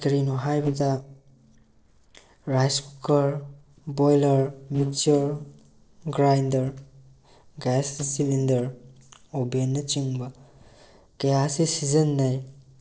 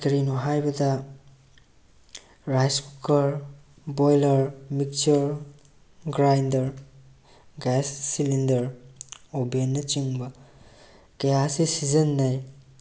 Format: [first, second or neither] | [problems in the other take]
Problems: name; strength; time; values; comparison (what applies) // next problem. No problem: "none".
second | noise reduction (neural separator model SepFormer DNS4)